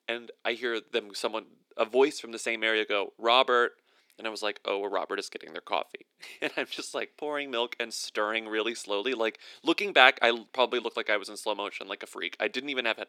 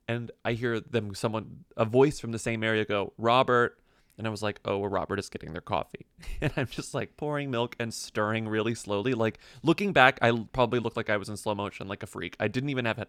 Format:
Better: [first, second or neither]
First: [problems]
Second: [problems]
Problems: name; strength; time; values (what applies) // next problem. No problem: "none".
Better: second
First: thin; somewhat; fading below 300 Hz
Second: none